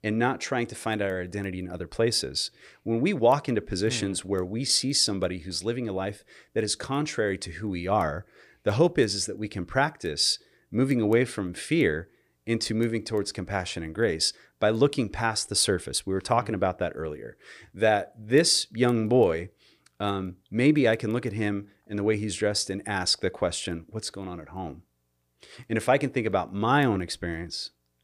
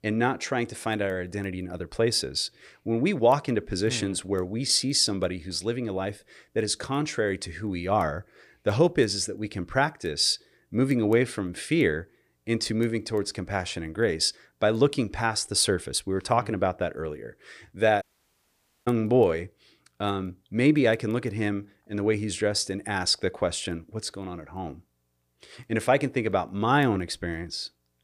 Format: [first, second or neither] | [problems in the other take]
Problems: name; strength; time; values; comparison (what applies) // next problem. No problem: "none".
first | audio cutting out; at 18 s for 1 s